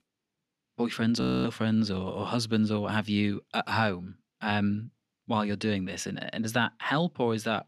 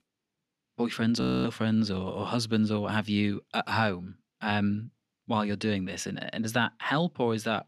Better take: neither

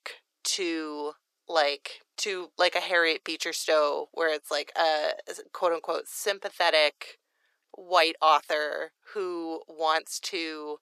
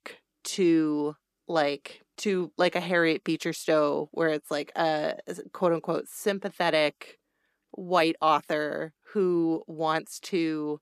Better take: second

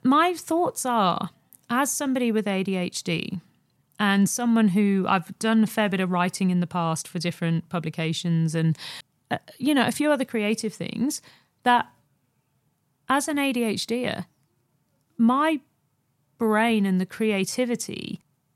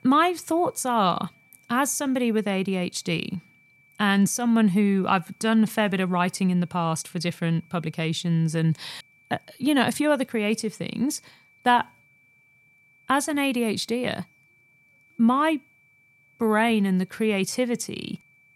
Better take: first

